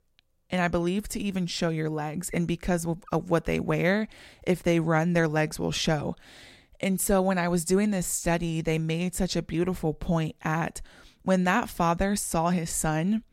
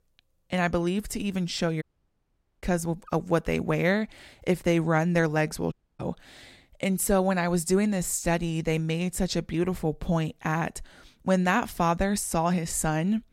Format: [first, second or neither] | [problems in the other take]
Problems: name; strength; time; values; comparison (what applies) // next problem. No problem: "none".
first | audio cutting out; at 2 s for 1 s and at 5.5 s